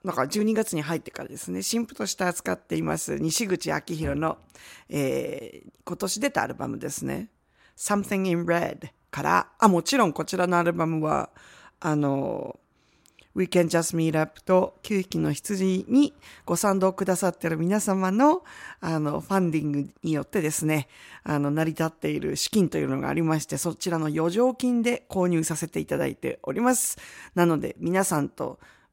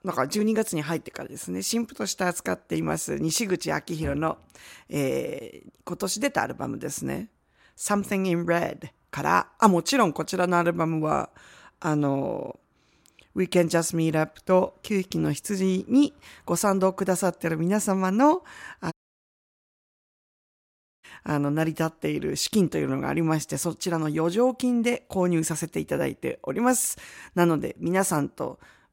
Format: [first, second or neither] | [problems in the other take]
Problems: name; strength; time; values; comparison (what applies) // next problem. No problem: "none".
first | audio cutting out; at 19 s for 2 s